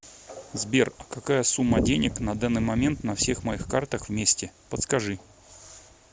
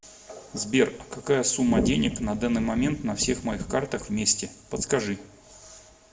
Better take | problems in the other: first | room echo; dies away in 0.6 s

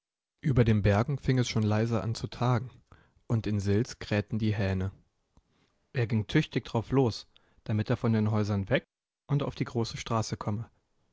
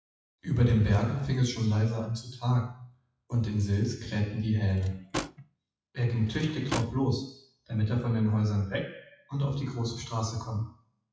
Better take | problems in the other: first | noise reduction (classical method WPE with log-MMSE)

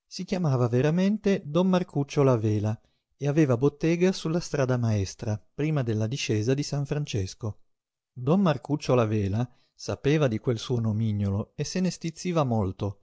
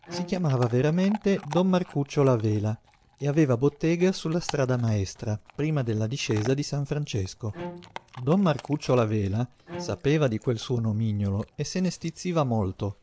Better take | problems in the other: first | background sound (Bowed string instrument + Chewing, mastication / Dog); 19 dB below the speech

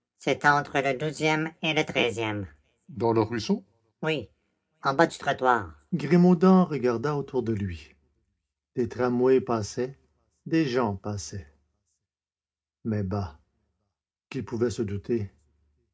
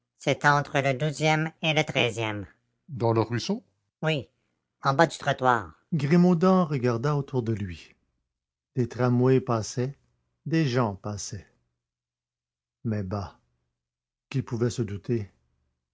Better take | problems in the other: second | room echo; dies away in 0.3 s

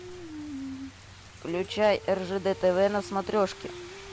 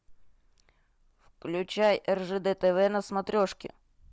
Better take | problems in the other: second | background sound (Rain); 13 dB below the speech

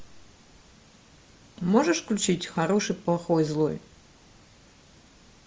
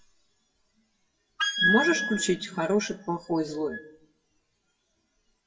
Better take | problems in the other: first | noise reduction (classical method WPE with log-MMSE)

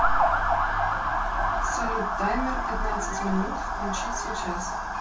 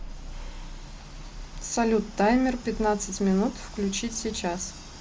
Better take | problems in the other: second | background sound (Motor vehicle (road) / Siren); 3 dB above the speech // room echo; dies away in 0.2 s

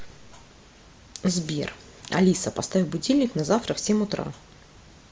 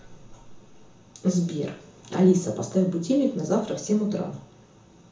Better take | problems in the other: first | room echo; dies away in 0.6 s

